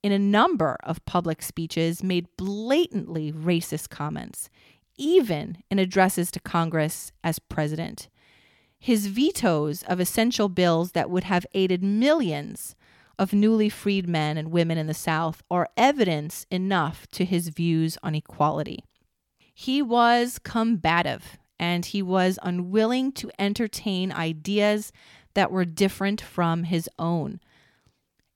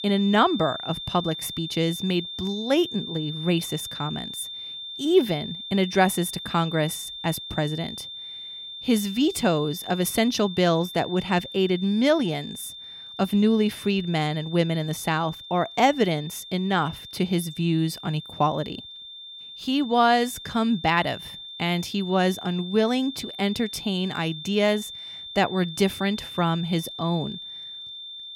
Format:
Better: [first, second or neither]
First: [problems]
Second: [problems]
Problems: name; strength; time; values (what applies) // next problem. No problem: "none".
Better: first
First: none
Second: high-pitched whine; noticeable; throughout; 3.5 kHz, 10 dB below the speech